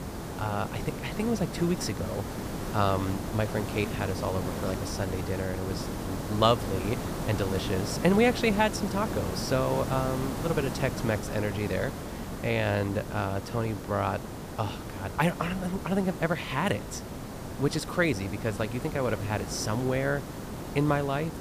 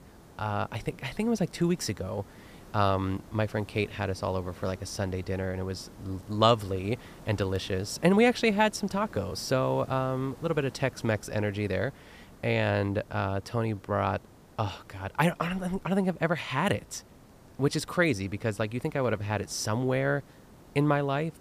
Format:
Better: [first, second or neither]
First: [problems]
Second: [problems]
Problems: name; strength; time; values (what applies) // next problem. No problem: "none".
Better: second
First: hiss; loud; throughout; 6 dB below the speech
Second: hiss; faint; throughout; 20 dB below the speech